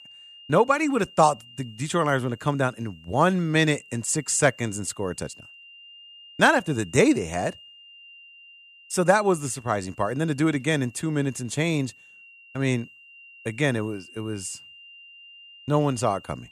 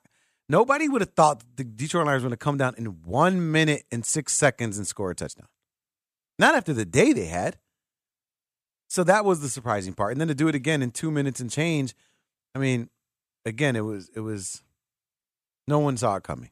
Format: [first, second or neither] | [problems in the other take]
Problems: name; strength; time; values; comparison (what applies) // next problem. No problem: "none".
second | high-pitched whine; faint; throughout; 3 kHz, 20 dB below the speech